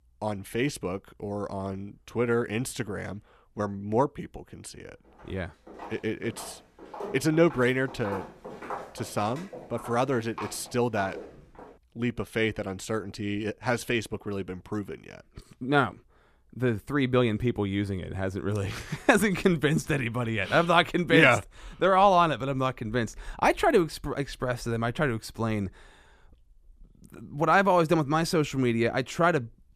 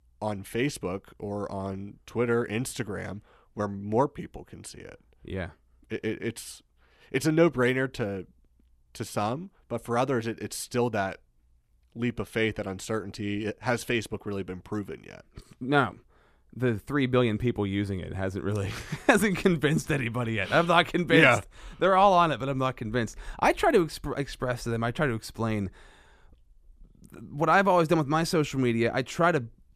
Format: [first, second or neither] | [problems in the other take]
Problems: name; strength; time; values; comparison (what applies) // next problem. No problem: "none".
second | footsteps; faint; from 5 to 12 s; peak 10 dB below the speech